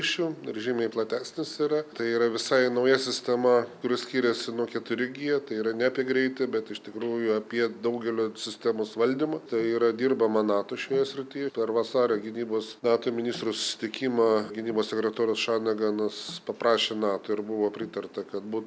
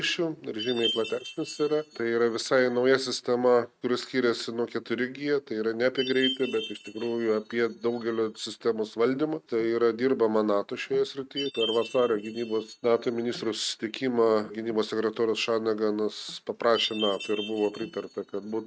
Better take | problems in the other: first | noise reduction (neural mask model RNNoise)

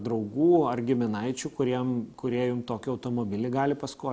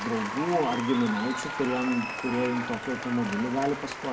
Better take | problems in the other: first | background sound (Applause); 6 dB below the speech // room echo; dies away in 0.6 s

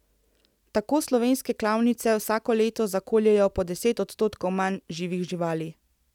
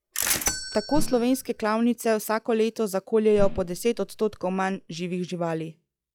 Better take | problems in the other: first | noise reduction (classical method log-MMSE)

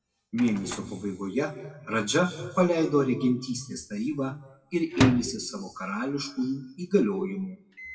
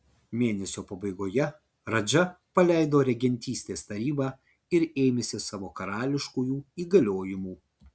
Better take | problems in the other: second | noise reduction (classical method WPE with log-MMSE)

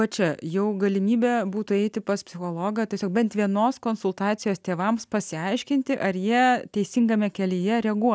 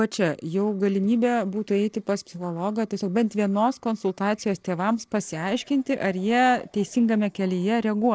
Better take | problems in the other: first | noise reduction (neural separator model SepFormer DNS4)

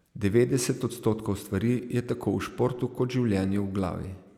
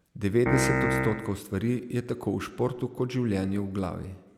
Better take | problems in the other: first | background sound (Piano); 2 dB above the speech

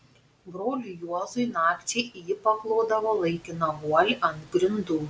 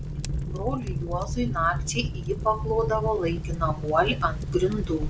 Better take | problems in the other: first | background sound (Fire); 3 dB below the speech

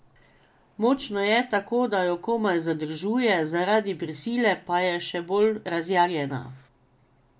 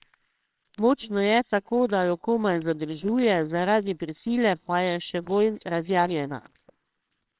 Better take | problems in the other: first | noise reduction (neural separator model SepFormer WHAMR!)

